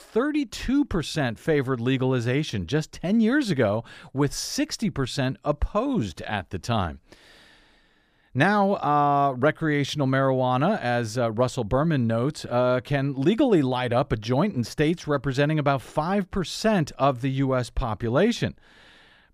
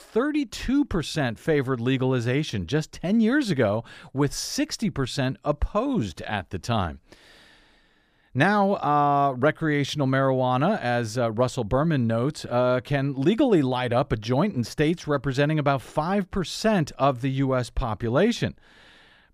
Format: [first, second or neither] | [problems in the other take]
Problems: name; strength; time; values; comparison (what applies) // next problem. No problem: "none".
neither | none